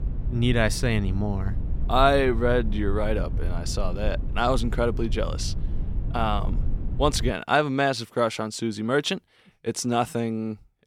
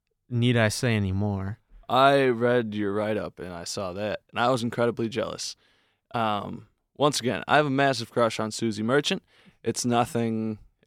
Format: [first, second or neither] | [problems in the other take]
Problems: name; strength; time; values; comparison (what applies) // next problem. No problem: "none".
second | low rumble; noticeable; until 7.5 s; 20 dB below the speech